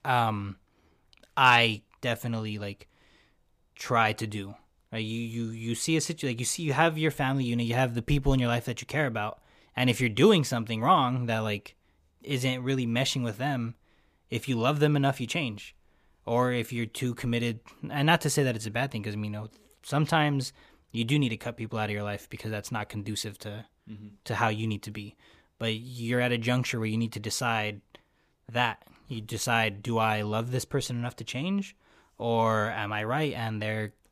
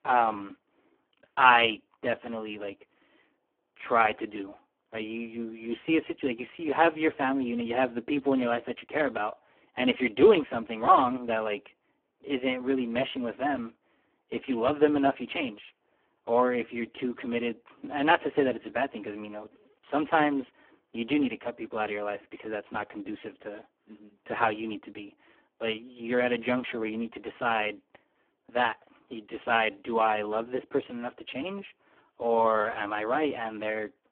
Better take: first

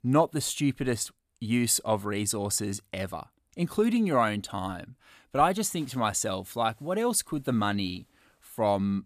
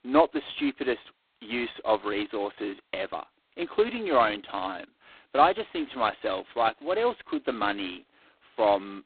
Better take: first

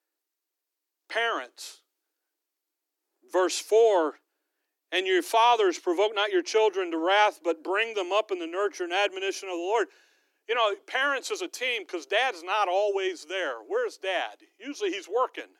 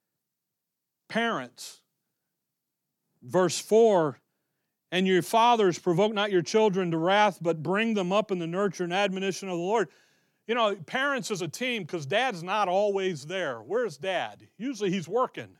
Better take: second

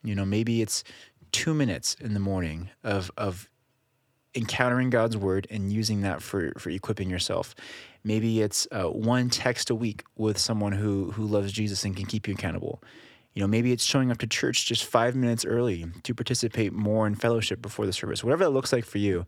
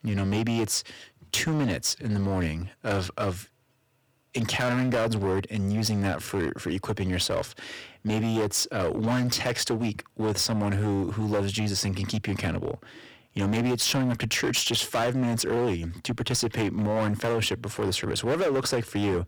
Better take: first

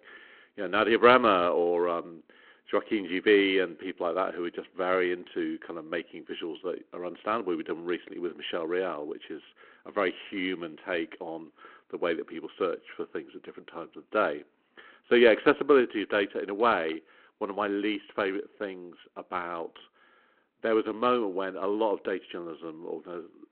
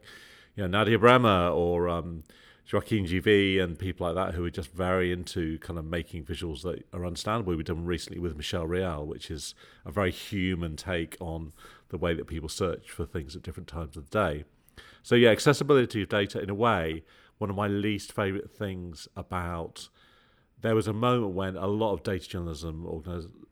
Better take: second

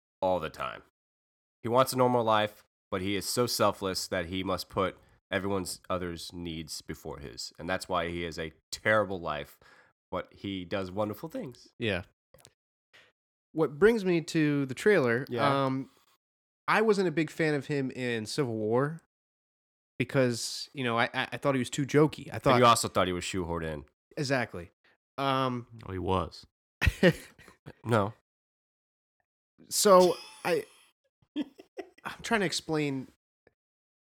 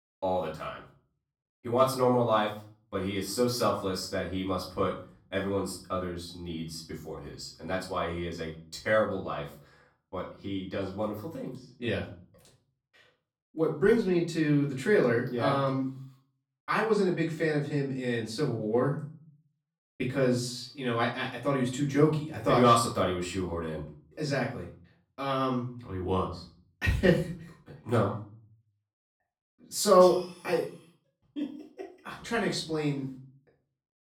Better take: first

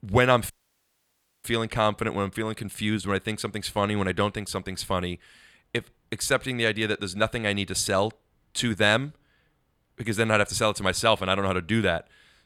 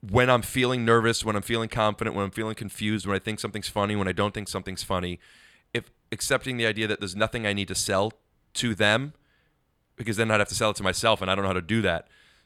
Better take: second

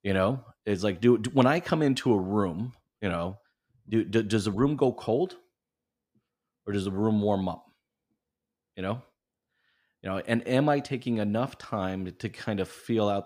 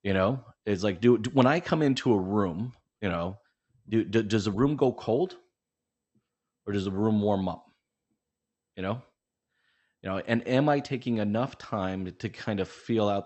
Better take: first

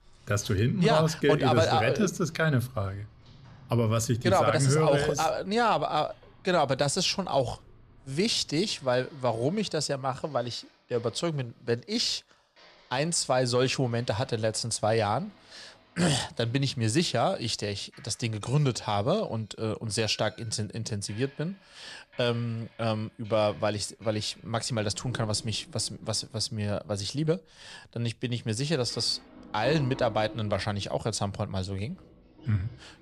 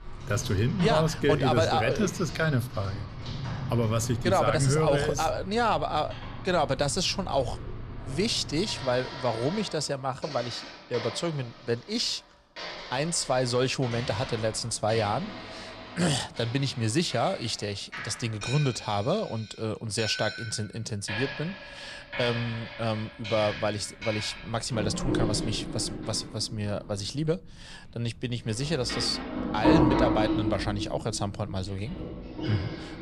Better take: first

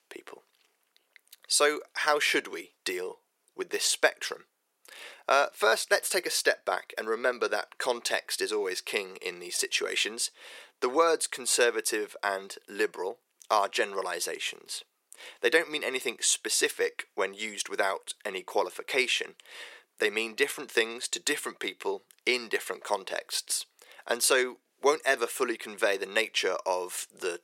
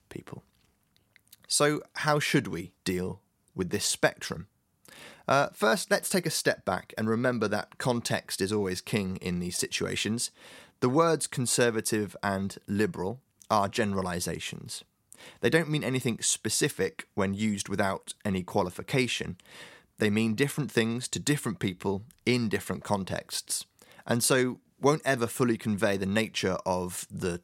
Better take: second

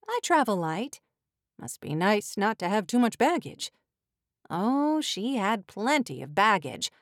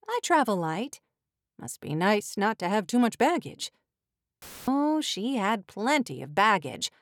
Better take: first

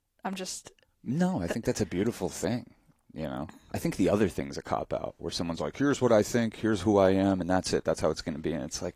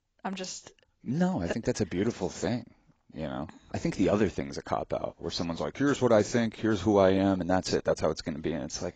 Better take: first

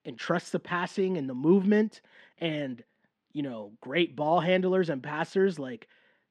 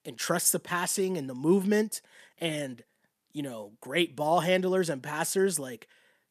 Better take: second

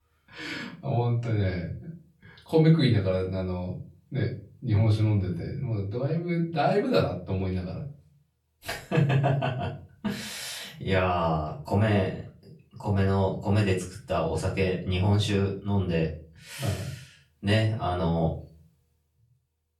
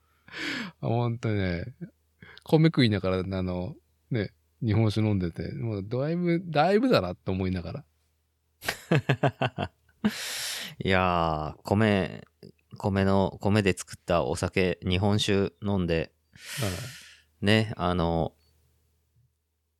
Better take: second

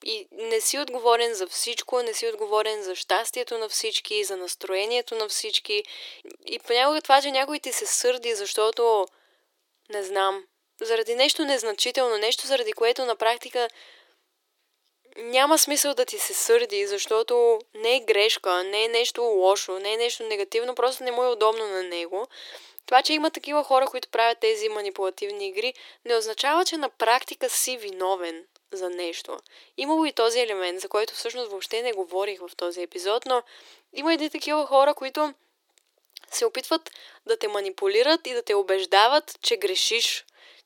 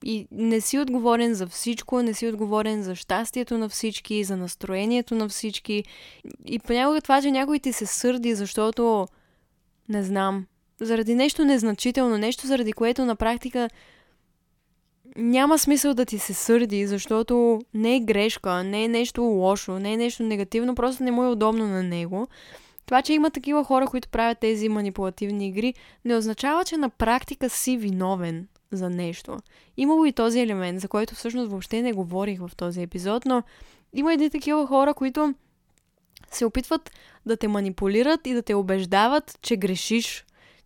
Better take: second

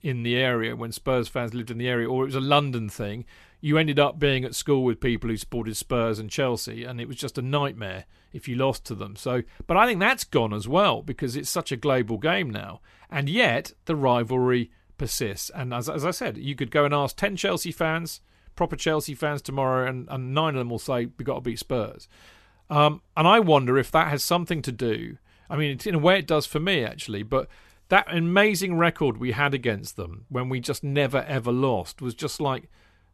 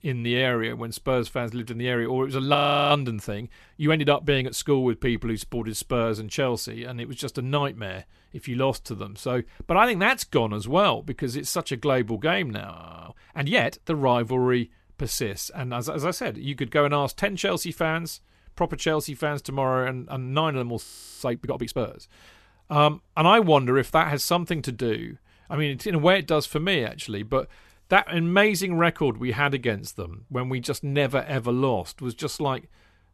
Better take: first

